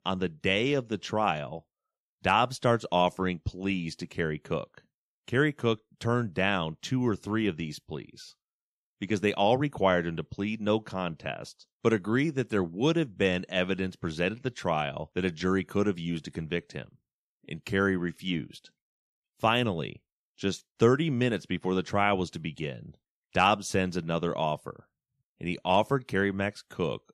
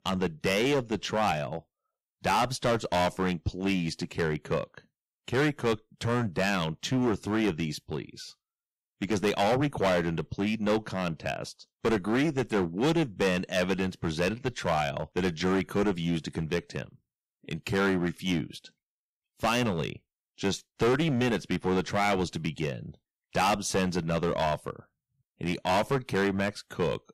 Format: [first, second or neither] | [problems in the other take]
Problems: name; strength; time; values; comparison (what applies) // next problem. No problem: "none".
first | distortion; heavy; 9% of the sound clipped